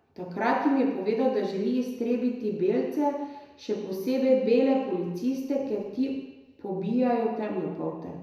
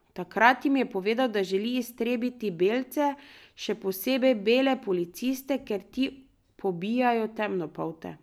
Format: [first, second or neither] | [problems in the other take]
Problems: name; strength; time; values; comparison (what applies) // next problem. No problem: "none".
second | room echo; dies away in 1 s